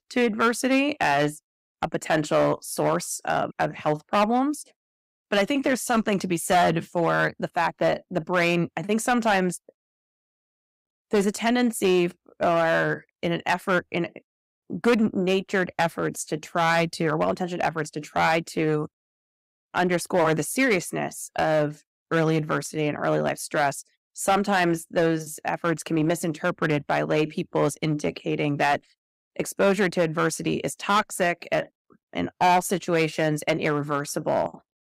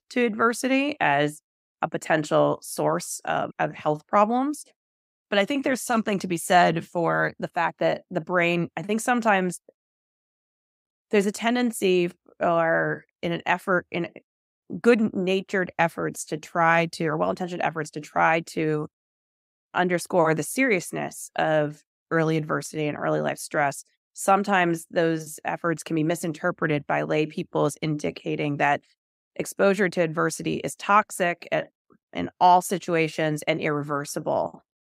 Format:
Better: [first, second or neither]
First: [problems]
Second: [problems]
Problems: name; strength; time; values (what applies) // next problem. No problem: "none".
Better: second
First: distortion; slight; 5% of the sound clipped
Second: none